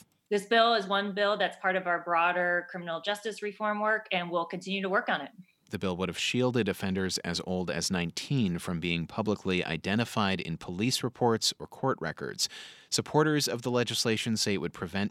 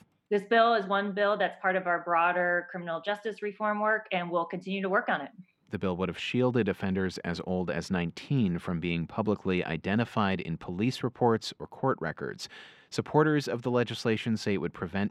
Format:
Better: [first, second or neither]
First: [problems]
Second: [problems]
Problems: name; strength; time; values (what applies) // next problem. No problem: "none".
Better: first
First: none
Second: muffled; slightly; fading above 3.5 kHz